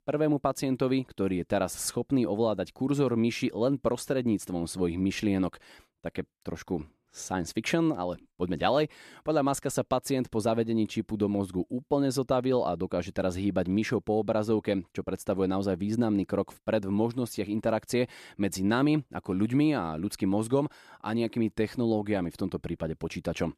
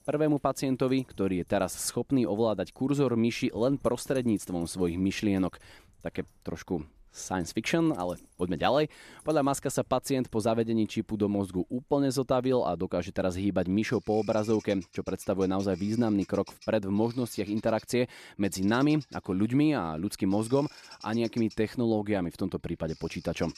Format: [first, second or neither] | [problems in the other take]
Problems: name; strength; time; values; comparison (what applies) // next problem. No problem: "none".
first | animal sounds; faint; throughout; 25 dB below the speech